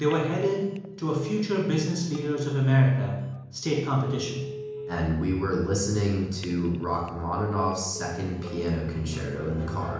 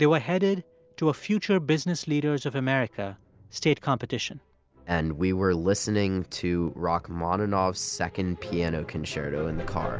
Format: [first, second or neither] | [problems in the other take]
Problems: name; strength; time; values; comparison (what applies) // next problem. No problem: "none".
second | background sound (Telephone); 17 dB below the speech // room echo; dies away in 1 s